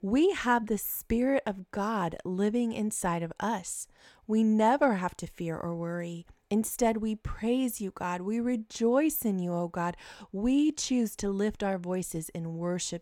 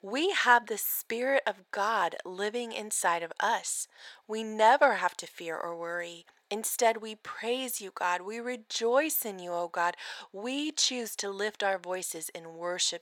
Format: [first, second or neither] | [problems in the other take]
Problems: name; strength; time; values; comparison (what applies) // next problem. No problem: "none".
first | thin; very; fading below 650 Hz